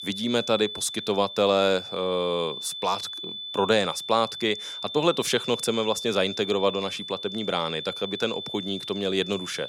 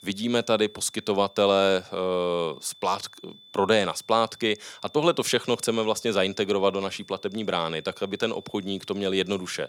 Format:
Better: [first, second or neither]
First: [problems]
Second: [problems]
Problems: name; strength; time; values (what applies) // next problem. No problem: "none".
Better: second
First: high-pitched whine; loud; throughout; 3.5 kHz, 8 dB below the speech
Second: high-pitched whine; faint; throughout; 3.5 kHz, 25 dB below the speech